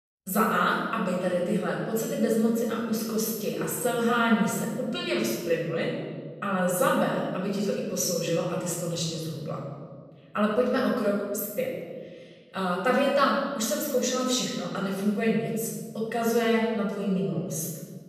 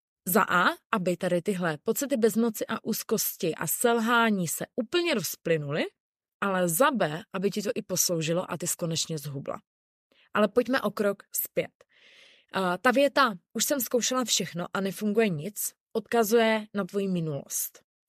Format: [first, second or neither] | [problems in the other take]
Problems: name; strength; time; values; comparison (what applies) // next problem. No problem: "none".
second | off-mic speech; far // room echo; noticeable; dies away in 1.6 s